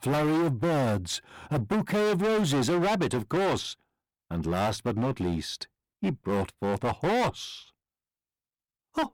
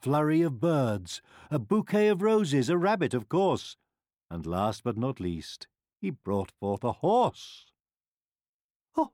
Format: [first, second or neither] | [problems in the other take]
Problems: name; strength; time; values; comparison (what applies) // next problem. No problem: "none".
second | distortion; heavy; 21% of the sound clipped